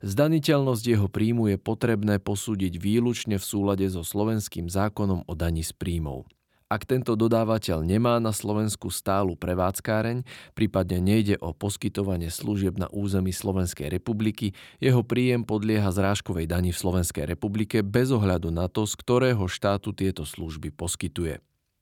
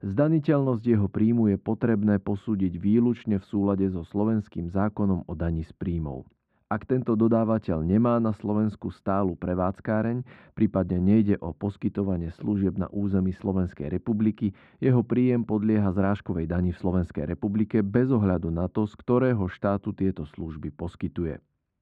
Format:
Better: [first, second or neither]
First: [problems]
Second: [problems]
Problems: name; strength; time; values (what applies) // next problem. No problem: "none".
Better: first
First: none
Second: muffled; very; fading above 1.5 kHz